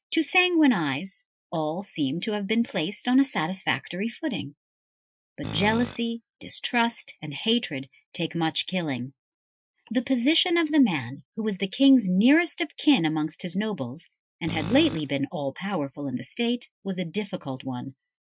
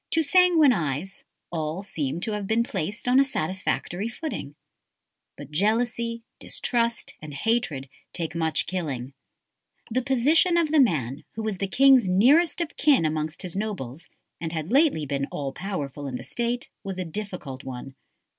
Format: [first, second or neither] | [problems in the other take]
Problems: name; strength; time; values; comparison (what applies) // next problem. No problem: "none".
second | noise reduction (classical method Wiener filter)